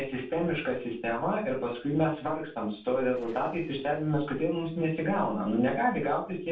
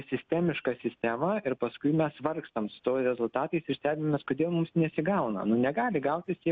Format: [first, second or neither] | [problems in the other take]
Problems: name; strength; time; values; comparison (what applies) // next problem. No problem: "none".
second | noise reduction (neural separator model SepFormer DNS4)